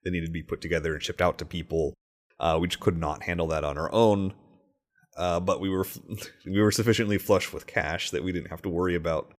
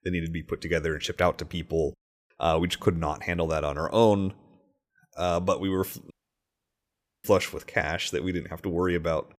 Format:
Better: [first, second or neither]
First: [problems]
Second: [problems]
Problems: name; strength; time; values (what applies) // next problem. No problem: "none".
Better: first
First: none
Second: audio cutting out; at 6 s for 1 s